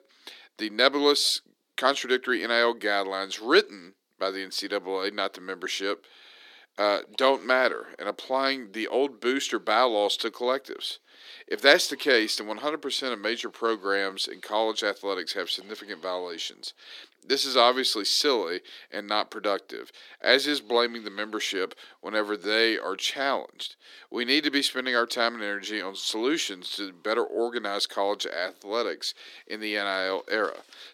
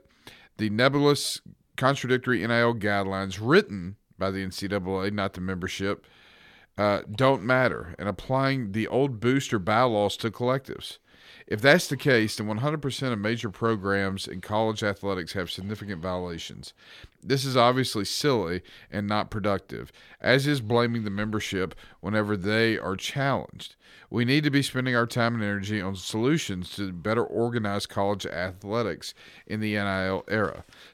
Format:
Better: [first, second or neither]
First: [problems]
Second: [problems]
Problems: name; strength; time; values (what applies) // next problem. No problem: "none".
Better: second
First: thin; somewhat; fading below 300 Hz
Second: none